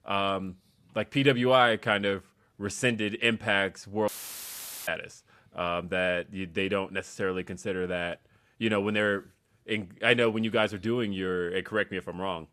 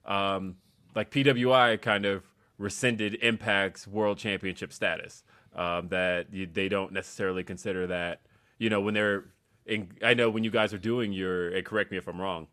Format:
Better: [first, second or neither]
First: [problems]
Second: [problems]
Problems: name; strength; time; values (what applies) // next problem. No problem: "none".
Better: second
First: audio cutting out; filled with static; at 4 s for 1 s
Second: none